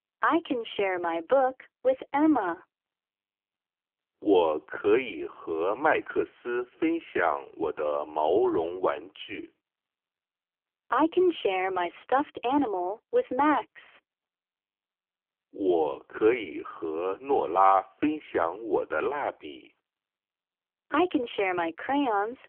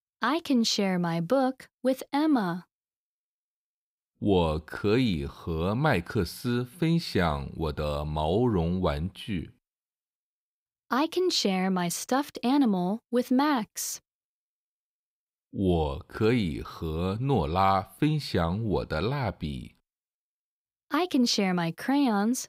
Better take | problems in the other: second | phone-call audio; poor line; nothing above 3.5 kHz

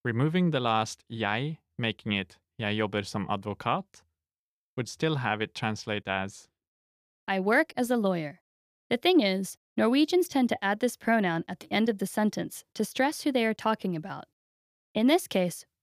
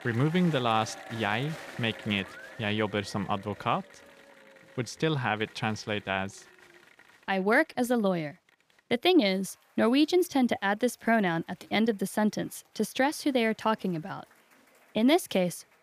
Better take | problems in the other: first | crowd noise; noticeable; throughout; 20 dB below the speech

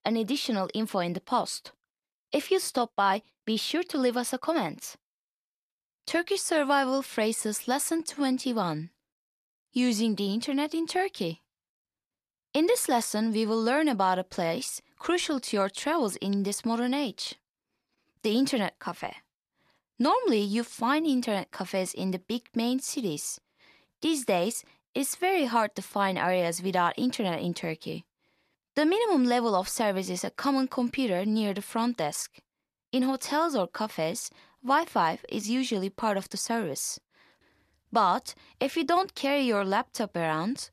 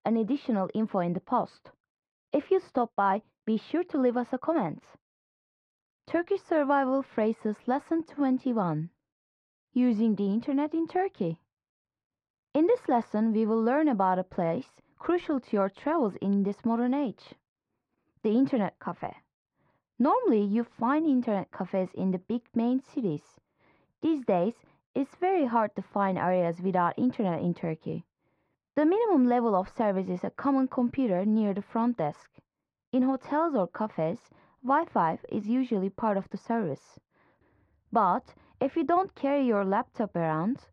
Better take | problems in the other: first | muffled; very; fading above 1.5 kHz

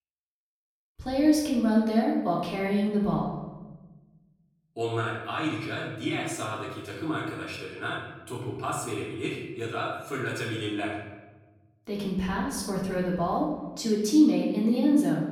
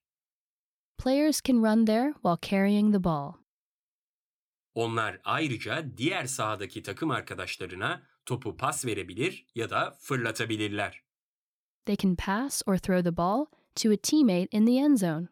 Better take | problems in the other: second | room echo; noticeable; dies away in 1 s // off-mic speech; far

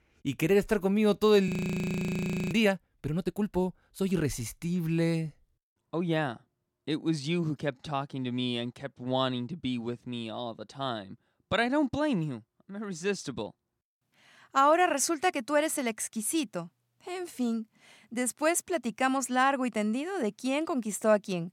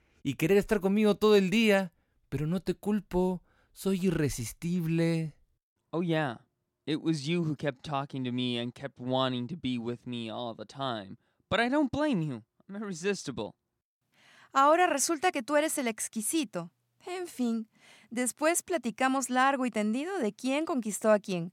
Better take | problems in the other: second | audio freezing; at 1.5 s for 1 s

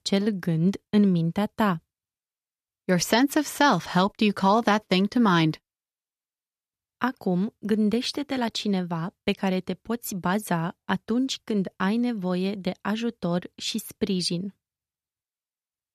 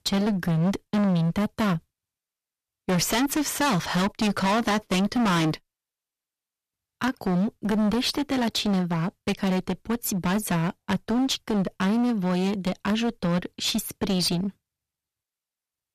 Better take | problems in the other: first | distortion; heavy; 19% of the sound clipped

